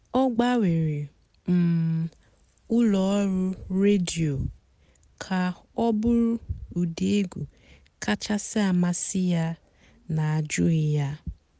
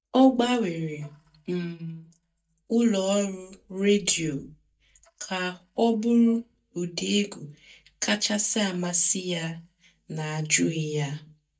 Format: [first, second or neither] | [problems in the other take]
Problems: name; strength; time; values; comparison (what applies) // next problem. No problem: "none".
first | noise reduction (neural mask model DeepFilterNet 3)